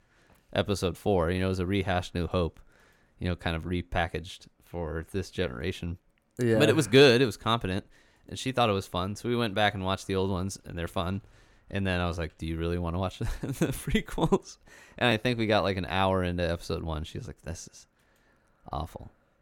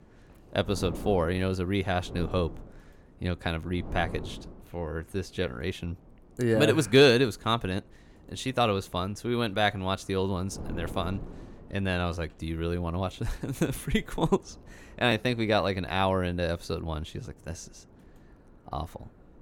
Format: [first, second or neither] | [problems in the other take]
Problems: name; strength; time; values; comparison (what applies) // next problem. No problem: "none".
first | wind noise on the microphone; occasional gusts; 25 dB below the speech